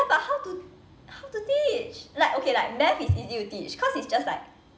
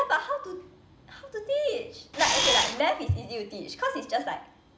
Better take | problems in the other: first | background sound (Camera); 5 dB above the speech

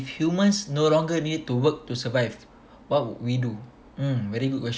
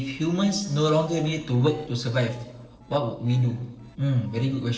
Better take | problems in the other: first | noise reduction (neural separator model SepFormer DNS4)

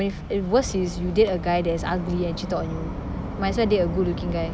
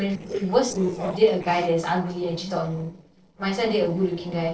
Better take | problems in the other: first | noise reduction (neural separator model SepFormer DNS4)

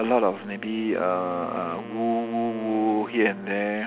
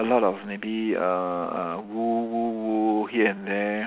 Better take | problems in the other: second | background sound (Wind instrument, woodwind instrument); 15 dB below the speech

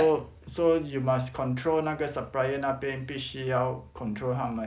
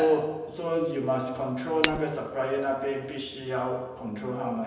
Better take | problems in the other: first | background sound (Shatter); 7 dB below the speech // room echo; dies away in 1 s

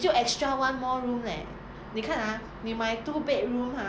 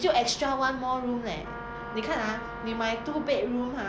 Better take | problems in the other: first | background sound (Wind instrument, woodwind instrument); 13 dB below the speech

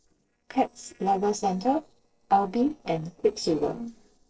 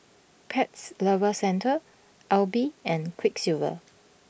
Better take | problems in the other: second | noise reduction (neural separator model SepFormer DNS4)

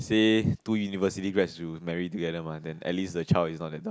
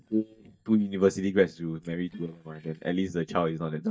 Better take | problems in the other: first | noise reduction (neural mask model DeepFilterNet 3)

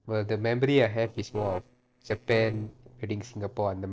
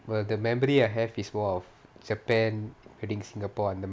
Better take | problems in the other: second | noise reduction (neural separator model SepFormer DNS4)

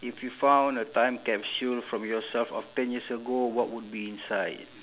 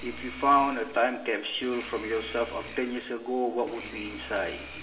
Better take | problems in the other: first | background sound (Domestic sounds, home sounds); 15 dB below the speech // room echo; dies away in 0.8 s

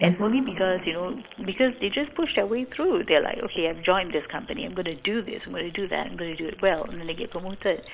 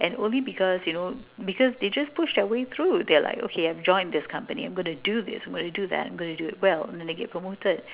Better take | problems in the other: second | noise reduction (neural mask model Resemble Enhance denoiser)

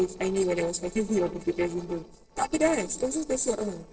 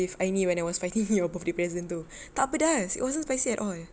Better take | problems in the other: second | noise reduction (neural separator model SepFormer DNS4)

